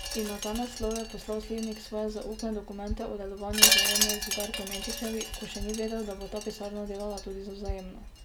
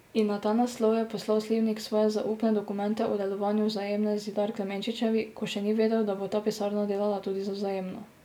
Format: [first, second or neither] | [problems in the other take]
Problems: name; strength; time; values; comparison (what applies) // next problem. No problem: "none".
second | background sound (Wind chime); 3 dB above the speech